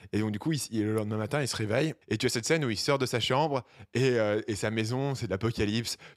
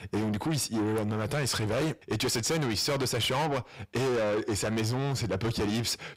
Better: first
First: none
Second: distortion; heavy; 5 dB below the speech

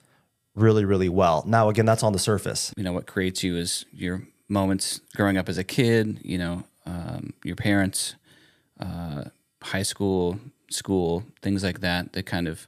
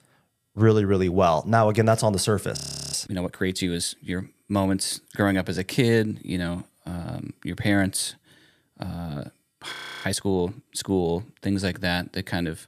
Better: first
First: none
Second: audio freezing; at 2.5 s and at 9.5 s

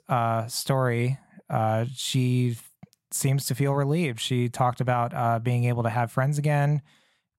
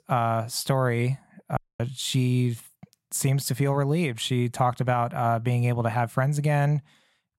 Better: first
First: none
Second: audio cutting out; at 1.5 s

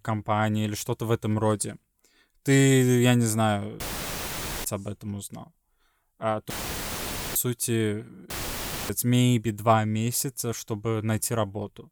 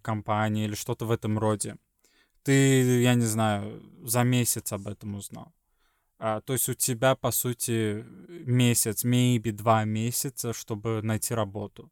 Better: second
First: audio cutting out; filled with static; at 4 s for 1 s, at 6.5 s for 1 s and at 8.5 s for 0.5 s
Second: none

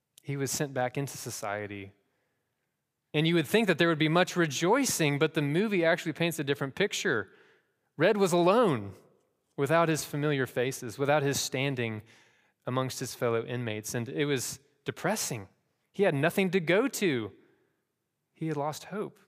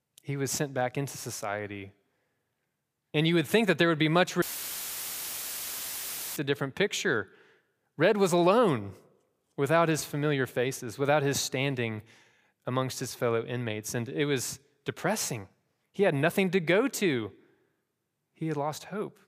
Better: first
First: none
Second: audio cutting out; filled with static; at 4.5 s for 2 s

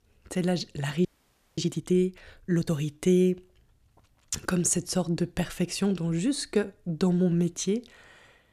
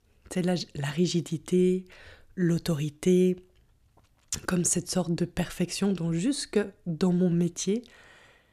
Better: second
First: audio freezing; at 1 s for 0.5 s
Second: none

